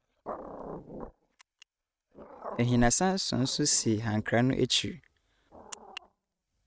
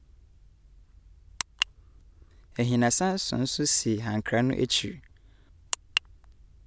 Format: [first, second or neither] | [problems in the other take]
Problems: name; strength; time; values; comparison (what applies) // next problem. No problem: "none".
second | noise reduction (neural mask model RNNoise)